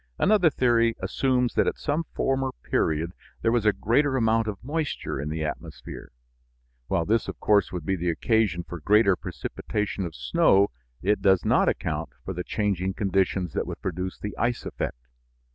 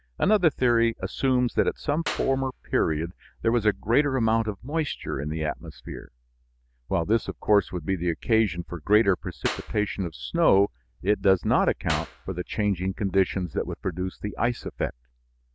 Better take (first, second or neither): first